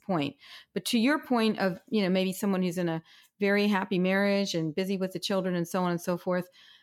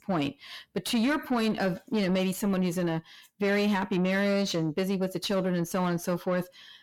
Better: first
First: none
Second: distortion; slight; 10 dB below the speech

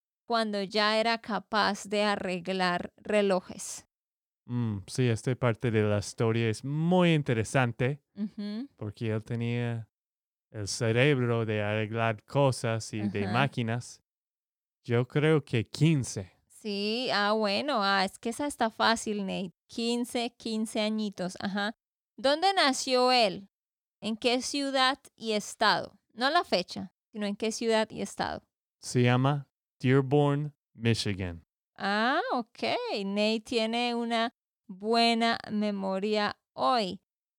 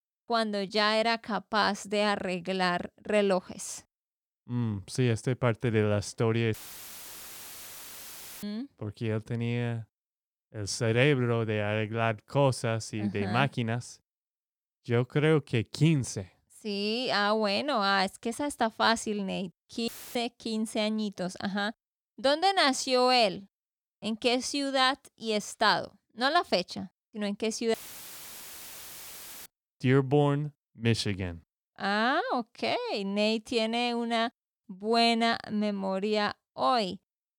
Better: first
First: none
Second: audio cutting out; filled with static; at 6.5 s for 2 s, at 20 s and at 28 s for 1.5 s

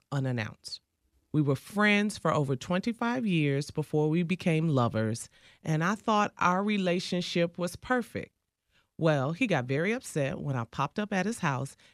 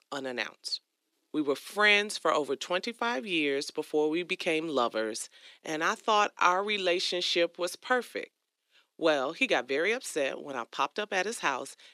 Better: first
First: none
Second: thin; somewhat; fading below 350 Hz

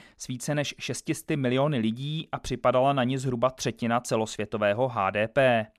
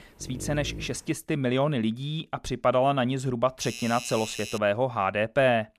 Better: first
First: none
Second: dog barking; faint; at the start; peak 10 dB below the speech // doorbell; noticeable; from 3.5 to 4.5 s; peak 9 dB below the speech

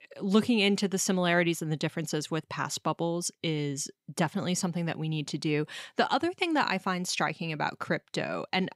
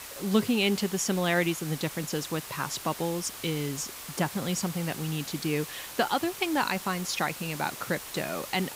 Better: first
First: none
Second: hiss; loud; throughout; 9 dB below the speech

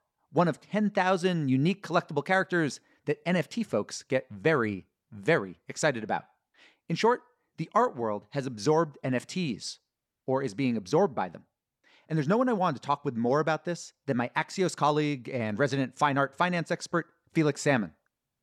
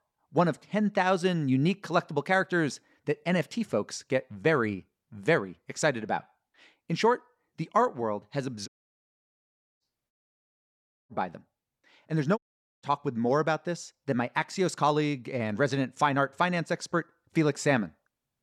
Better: first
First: none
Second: audio cutting out; at 8.5 s for 1 s, at 10 s for 1 s and at 12 s

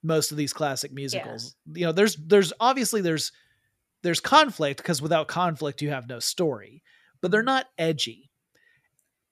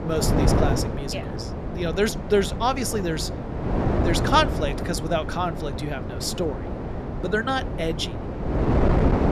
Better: first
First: none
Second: wind noise on the microphone; heavy; 5 dB below the speech

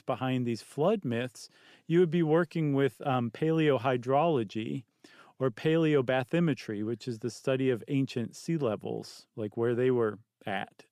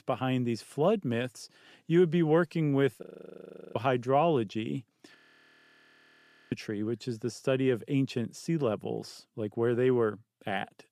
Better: first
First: none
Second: audio freezing; at 3 s for 0.5 s and at 5 s for 1.5 s

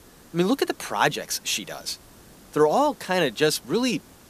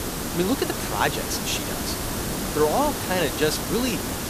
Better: first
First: hiss; faint; throughout; 25 dB below the speech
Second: hiss; loud; throughout; 2 dB below the speech

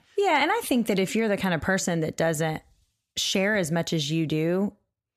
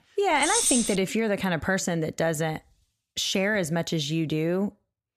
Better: first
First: none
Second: jangling keys; loud; at 0.5 s; peak 4 dB above the speech

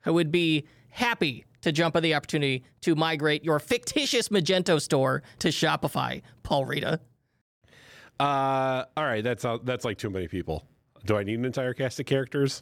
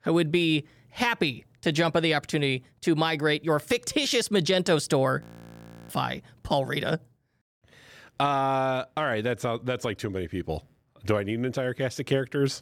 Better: first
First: none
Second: audio freezing; at 5 s for 0.5 s

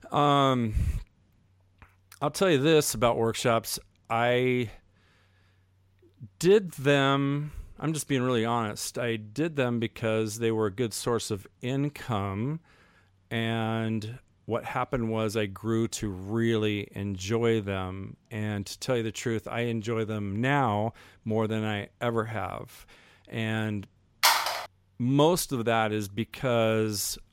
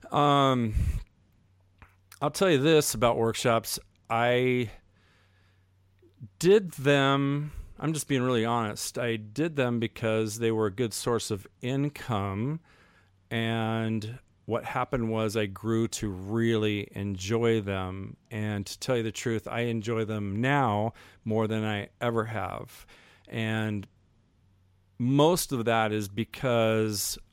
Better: second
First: phone ringing; loud; at 24 s; peak 6 dB above the speech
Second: none

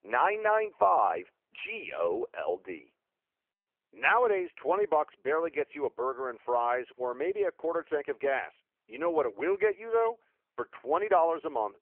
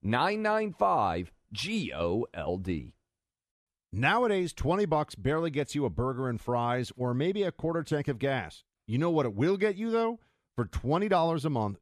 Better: second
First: phone-call audio; poor line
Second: none

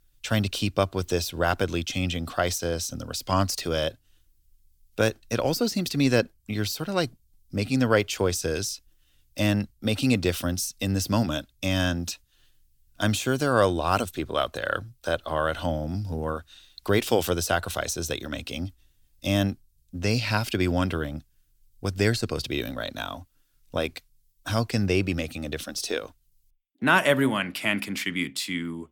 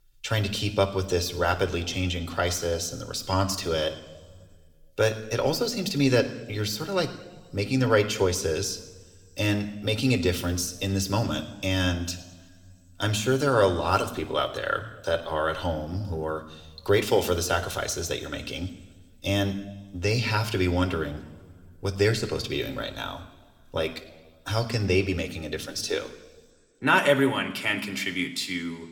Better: first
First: none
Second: room echo; very slight; dies away in 1.2 s

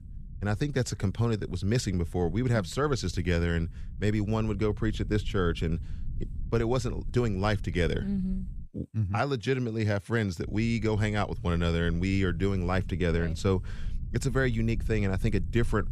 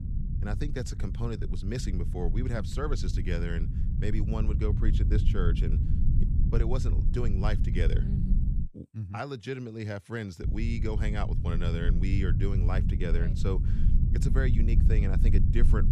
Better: first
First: low rumble; faint; until 8.5 s and from 10 s on; 25 dB below the speech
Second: low rumble; loud; until 8.5 s and from 10 s on; 6 dB below the speech

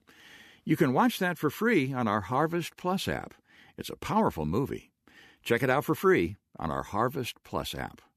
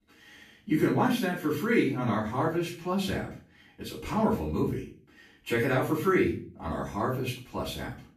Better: first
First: none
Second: off-mic speech; far // room echo; noticeable; dies away in 0.4 s

